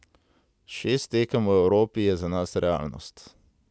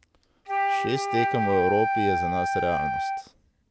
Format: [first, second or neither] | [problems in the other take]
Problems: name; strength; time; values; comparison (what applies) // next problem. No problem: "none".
first | background sound (Wind instrument, woodwind instrument); 2 dB above the speech